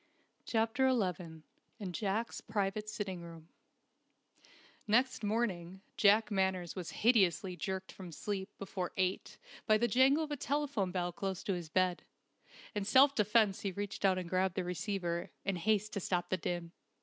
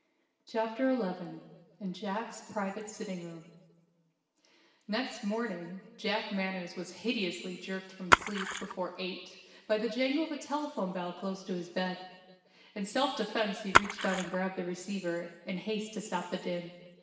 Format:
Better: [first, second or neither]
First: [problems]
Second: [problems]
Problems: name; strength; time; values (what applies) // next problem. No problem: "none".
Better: first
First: none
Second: background sound (Splash, splatter); 4 dB above the speech // room echo; dies away in 1.3 s